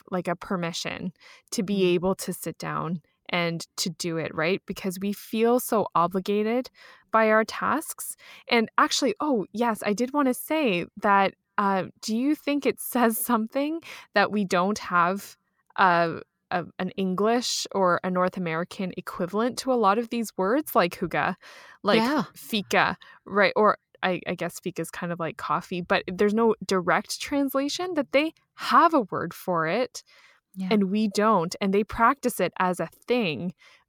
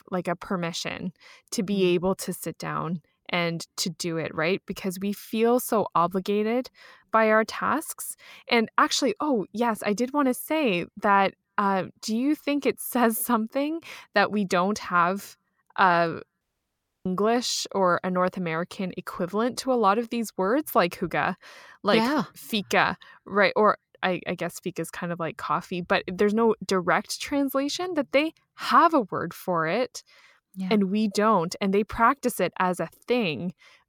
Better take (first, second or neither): first